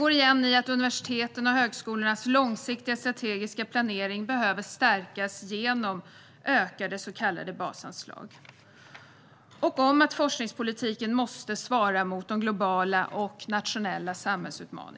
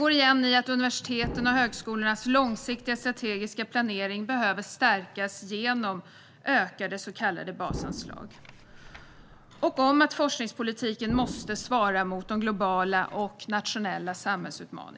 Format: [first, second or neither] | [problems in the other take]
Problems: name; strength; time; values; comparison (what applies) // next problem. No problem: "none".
first | background sound (Explosion); 13 dB below the speech